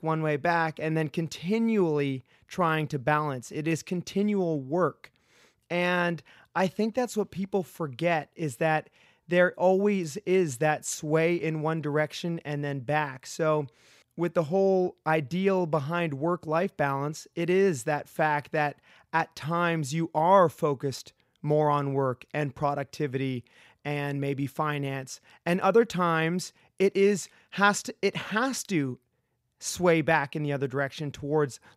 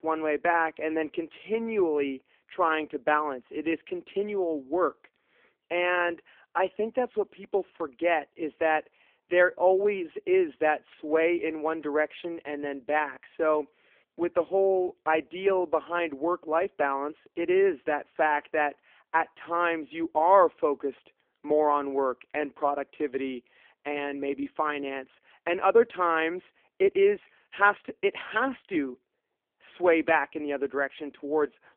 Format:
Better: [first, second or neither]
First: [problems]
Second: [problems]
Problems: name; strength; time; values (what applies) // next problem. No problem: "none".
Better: first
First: none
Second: phone-call audio; poor line